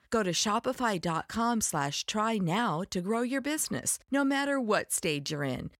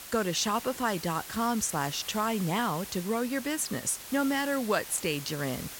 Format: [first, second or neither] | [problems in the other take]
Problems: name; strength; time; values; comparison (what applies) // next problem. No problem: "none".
first | hiss; noticeable; throughout; 10 dB below the speech